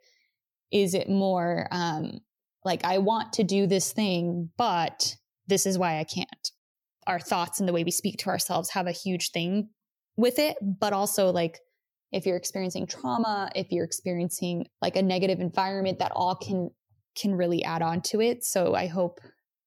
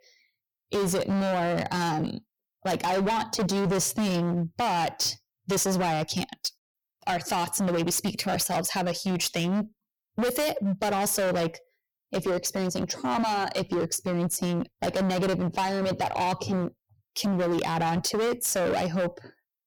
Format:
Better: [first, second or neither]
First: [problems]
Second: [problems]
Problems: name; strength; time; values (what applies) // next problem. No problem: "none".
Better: first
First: none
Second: distortion; heavy; 23% of the sound clipped